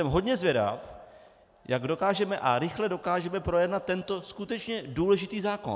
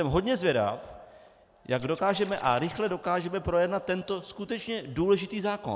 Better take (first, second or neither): first